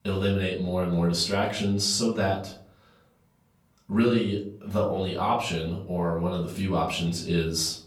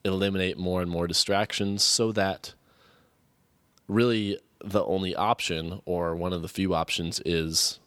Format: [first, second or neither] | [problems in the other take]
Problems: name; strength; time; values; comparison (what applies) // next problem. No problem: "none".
second | room echo; slight; dies away in 0.5 s // off-mic speech; far